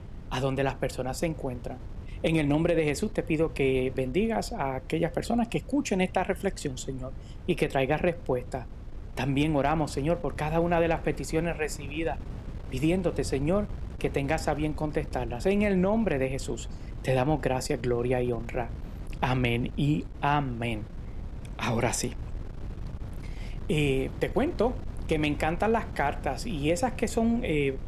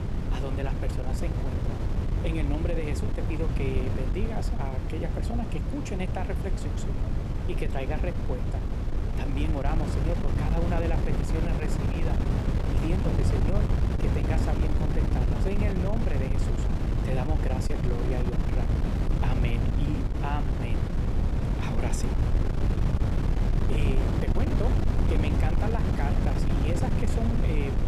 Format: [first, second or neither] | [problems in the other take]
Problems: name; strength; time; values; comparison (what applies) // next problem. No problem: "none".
first | wind noise on the microphone; heavy; as loud as the speech; occasional gusts in the first